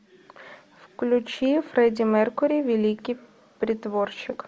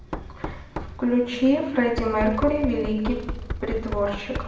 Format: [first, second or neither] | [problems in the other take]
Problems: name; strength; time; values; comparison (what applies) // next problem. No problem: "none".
first | background sound (Knock); 8 dB below the speech // room echo; dies away in 0.8 s